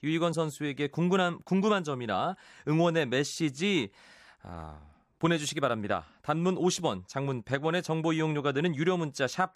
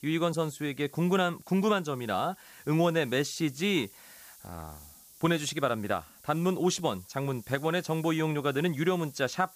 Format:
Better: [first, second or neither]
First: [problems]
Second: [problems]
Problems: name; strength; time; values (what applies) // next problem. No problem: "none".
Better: first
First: none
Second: hiss; faint; throughout; 20 dB below the speech